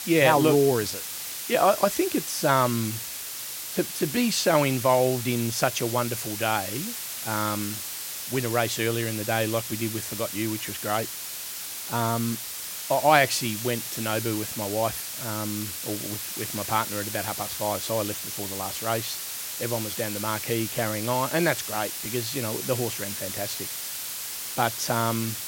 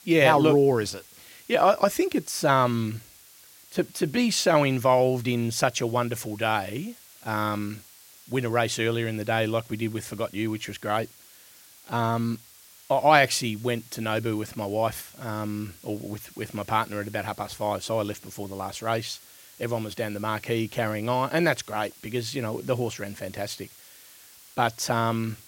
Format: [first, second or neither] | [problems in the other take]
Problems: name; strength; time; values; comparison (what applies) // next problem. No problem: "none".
second | hiss; loud; throughout; 5 dB below the speech; faint in the second